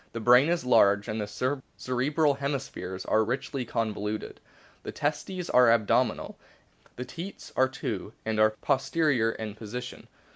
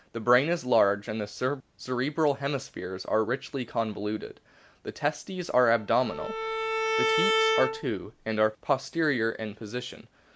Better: first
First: none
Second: background sound (Bowed string instrument); as loud as the speech

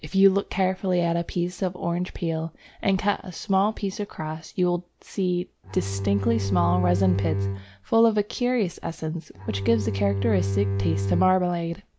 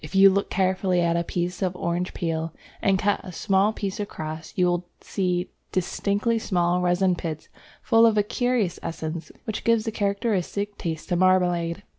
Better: second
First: background sound (Bowed string instrument); 2 dB below the speech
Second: none

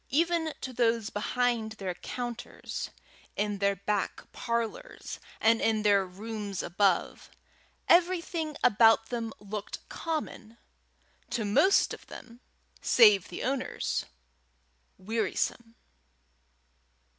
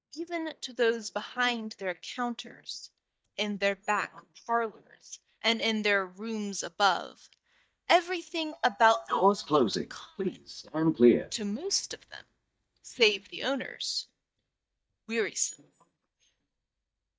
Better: first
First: none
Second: noise reduction (neural mask model DeepFilterNet 3)

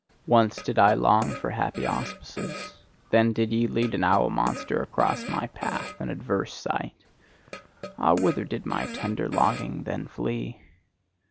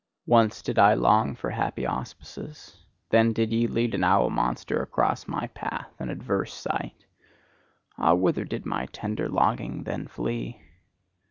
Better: second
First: background sound (Fart); 13 dB below the speech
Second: none

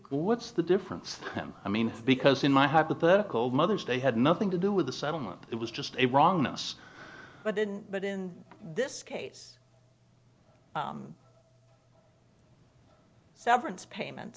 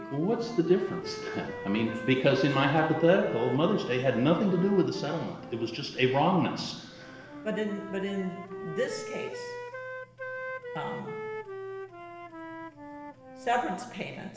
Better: first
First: none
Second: background sound (Wind instrument, woodwind instrument); 11 dB below the speech // room echo; dies away in 1.1 s

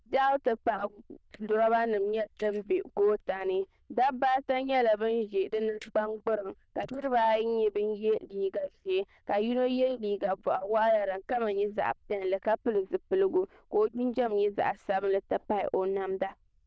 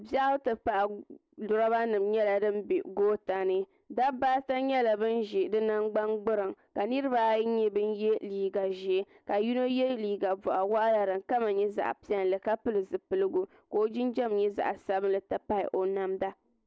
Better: second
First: noise reduction (neural diffusion model UNIVERSE++)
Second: none

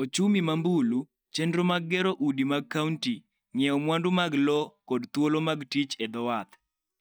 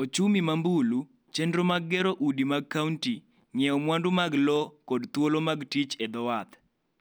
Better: second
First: noise reduction (neural mask model DeepFilterNet 3)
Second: none

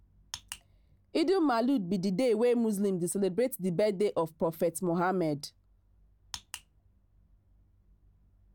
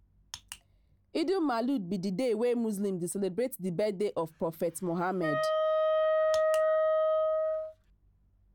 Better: first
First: none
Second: background sound (Wind instrument, woodwind instrument); 5 dB above the speech

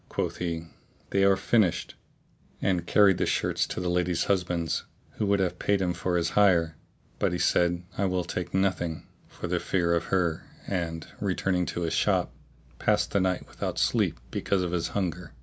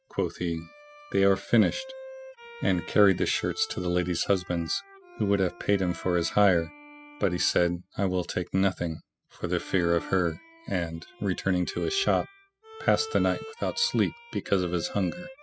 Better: first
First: none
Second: noise reduction (classical method spectral subtraction)

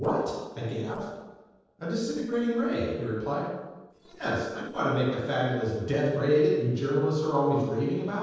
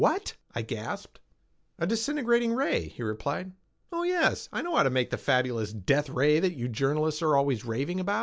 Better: second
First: noise reduction (neural separator model SepFormer DNS4)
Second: none

